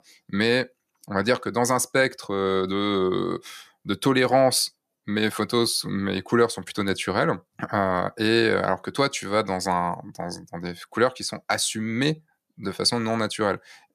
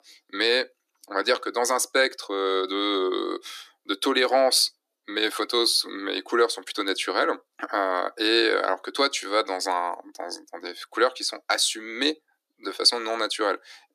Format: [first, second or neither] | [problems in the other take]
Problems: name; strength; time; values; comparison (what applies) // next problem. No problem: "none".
first | thin; somewhat; fading below 300 Hz